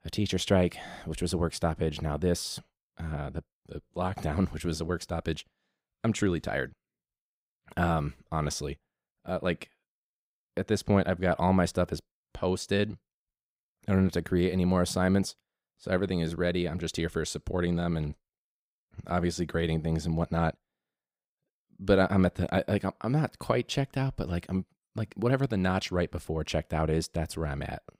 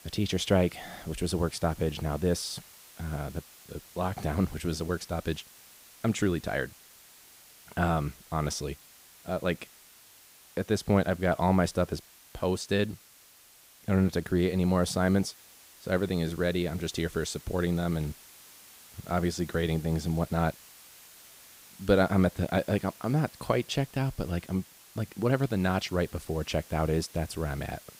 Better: first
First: none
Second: hiss; faint; throughout; 20 dB below the speech

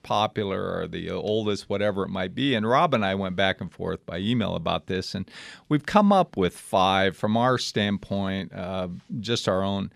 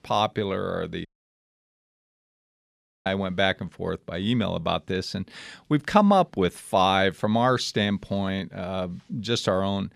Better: first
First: none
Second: audio cutting out; at 1 s for 2 s

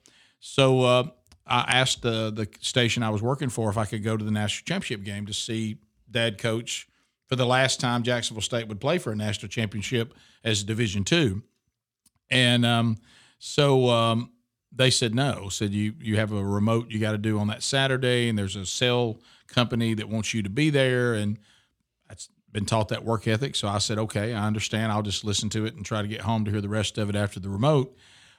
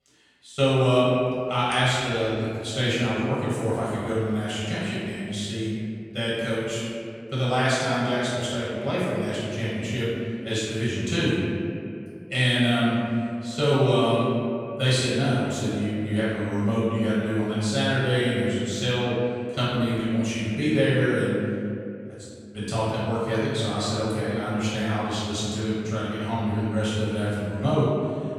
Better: first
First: none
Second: off-mic speech; far // room echo; strong; dies away in 2.3 s

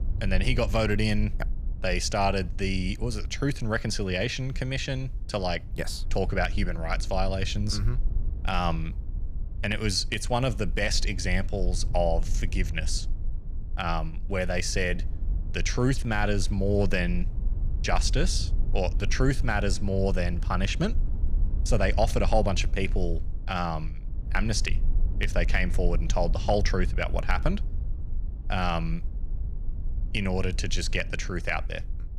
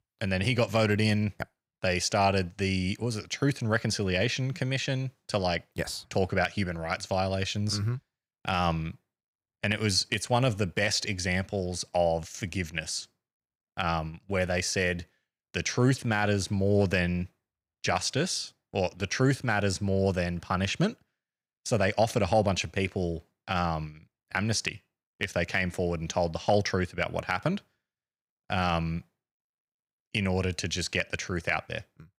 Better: second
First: low rumble; faint; throughout; 20 dB below the speech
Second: none

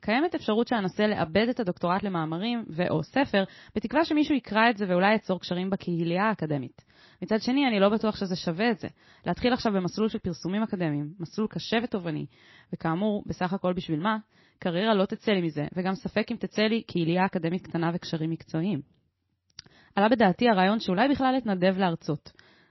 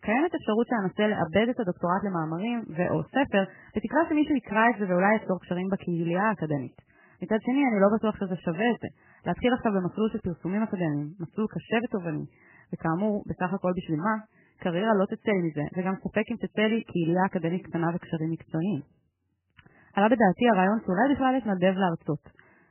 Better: first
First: garbled, watery; slightly; nothing above 5.5 kHz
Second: garbled, watery; badly; nothing above 3 kHz

